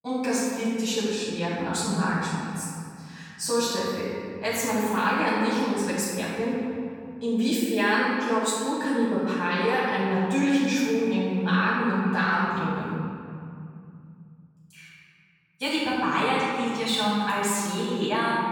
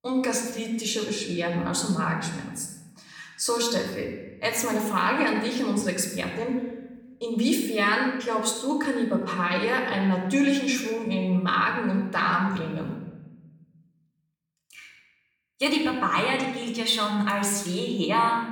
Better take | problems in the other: second | room echo; strong; dies away in 2.6 s; slight in the second // off-mic speech; far; somewhat distant in the second

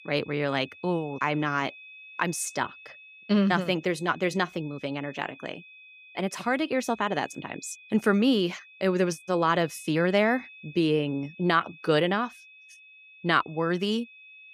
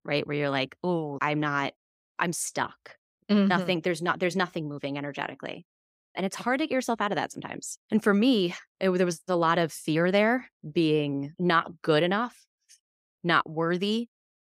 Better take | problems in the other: second | high-pitched whine; faint; throughout; 2.5 kHz, 20 dB below the speech

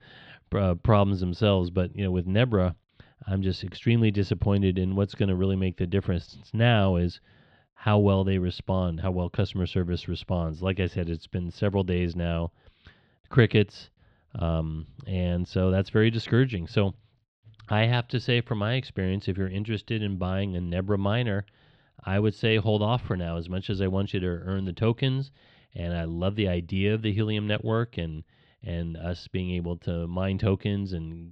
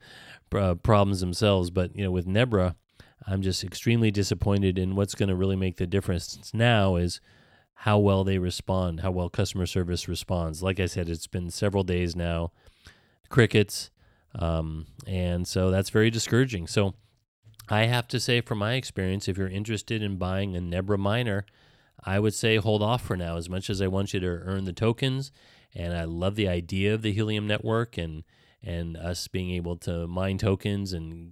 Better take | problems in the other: second | muffled; slightly; fading above 3.5 kHz

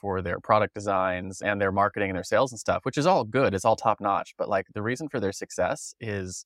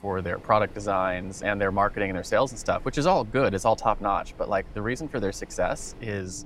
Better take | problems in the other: first | rain or running water; faint; throughout; 20 dB below the speech

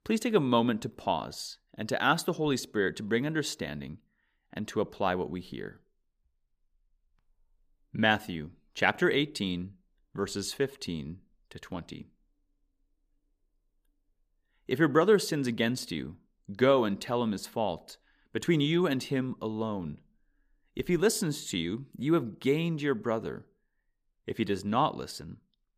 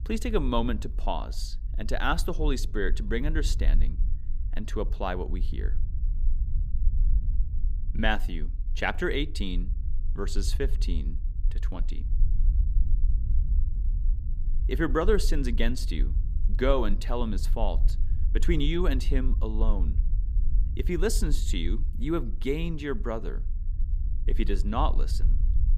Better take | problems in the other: first | low rumble; faint; throughout; 20 dB below the speech

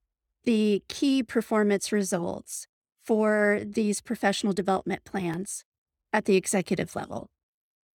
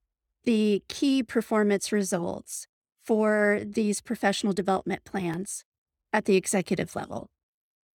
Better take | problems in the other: neither | none

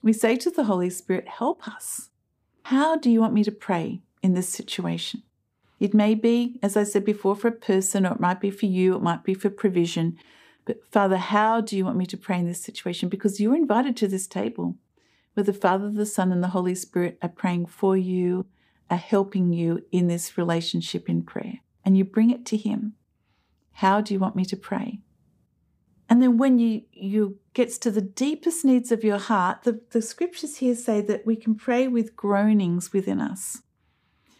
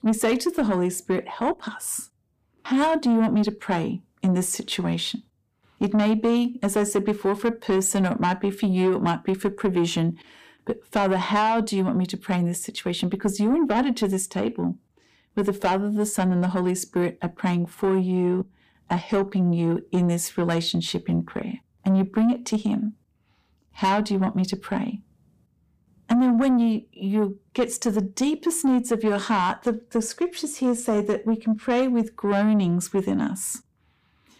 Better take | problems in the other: first | distortion; slight; 10 dB below the speech

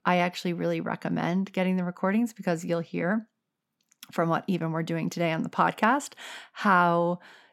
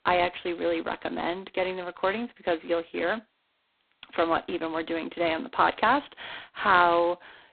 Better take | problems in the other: first | phone-call audio; poor line; nothing above 4 kHz

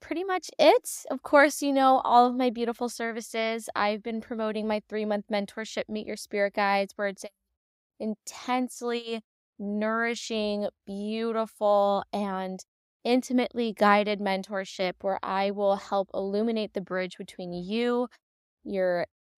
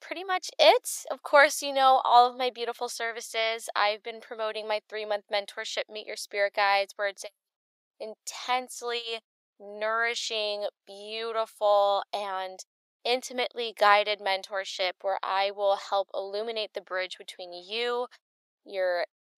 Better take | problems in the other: first | thin; very; fading below 500 Hz

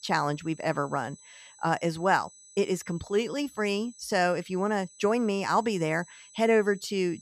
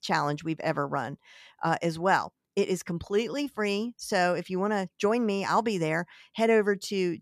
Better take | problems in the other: second | high-pitched whine; faint; throughout; 8 kHz, 25 dB below the speech

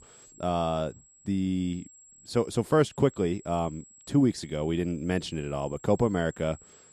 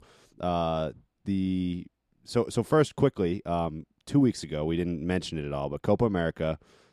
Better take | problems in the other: second | high-pitched whine; faint; throughout; 7.5 kHz, 25 dB below the speech

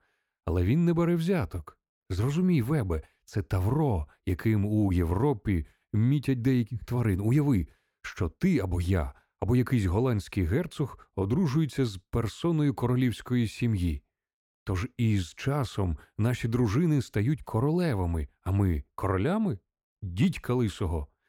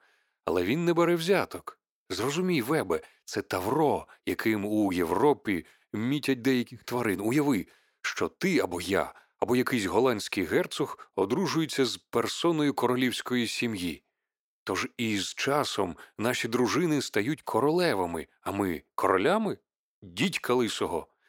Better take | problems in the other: first | thin; somewhat; fading below 400 Hz

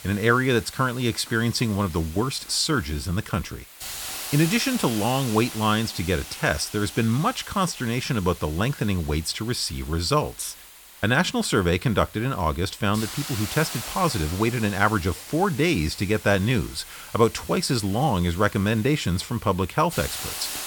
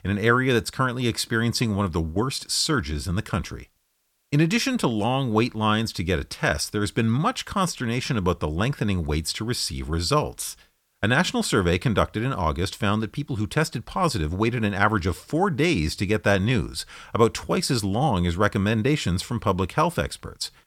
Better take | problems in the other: second | hiss; noticeable; throughout; 10 dB below the speech

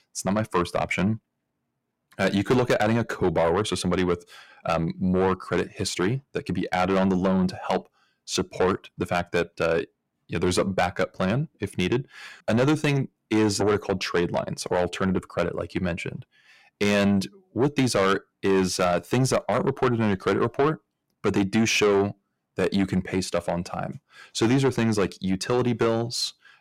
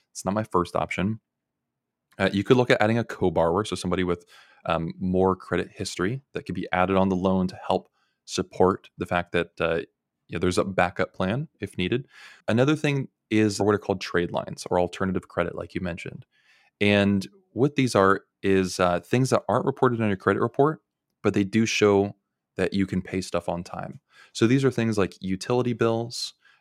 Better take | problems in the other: second | distortion; heavy; 8 dB below the speech

